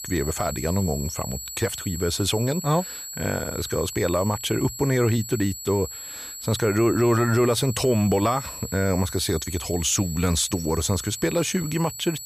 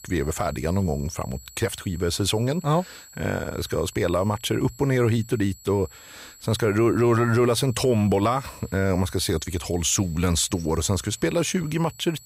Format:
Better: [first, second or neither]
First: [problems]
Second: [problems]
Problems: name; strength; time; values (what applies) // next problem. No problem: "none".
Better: second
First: high-pitched whine; loud; throughout; 7.5 kHz, 9 dB below the speech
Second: high-pitched whine; faint; throughout; 7.5 kHz, 20 dB below the speech